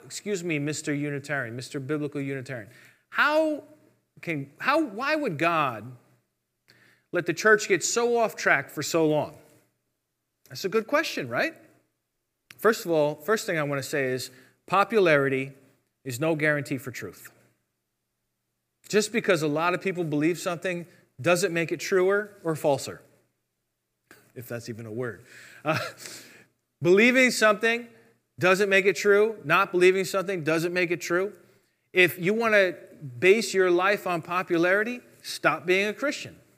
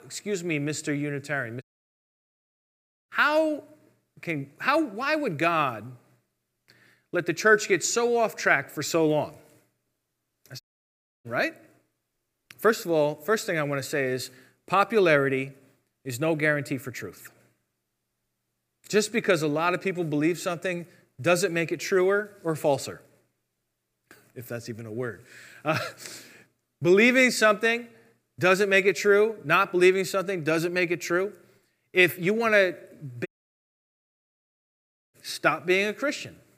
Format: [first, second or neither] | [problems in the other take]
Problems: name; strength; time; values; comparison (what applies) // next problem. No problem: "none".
first | audio cutting out; at 1.5 s for 1.5 s, at 11 s for 0.5 s and at 33 s for 2 s